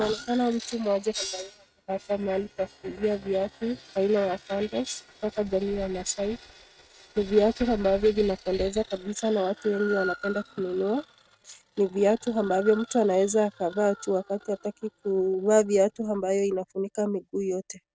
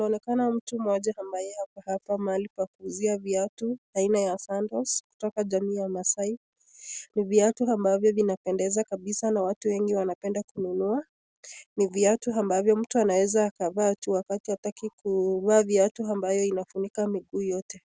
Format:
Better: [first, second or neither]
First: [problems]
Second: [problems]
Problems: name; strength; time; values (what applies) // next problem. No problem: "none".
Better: second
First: noise reduction (neural mask model RNNoise)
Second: none